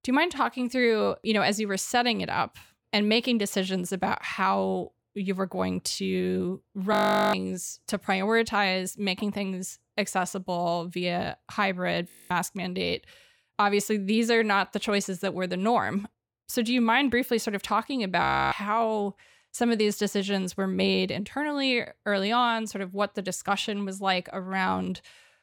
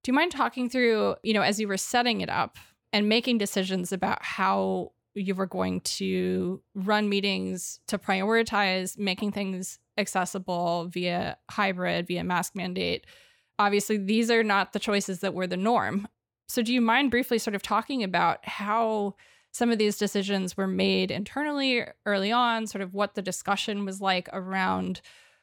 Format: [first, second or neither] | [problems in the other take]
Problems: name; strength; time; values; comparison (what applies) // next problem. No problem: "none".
second | audio freezing; at 7 s, at 12 s and at 18 s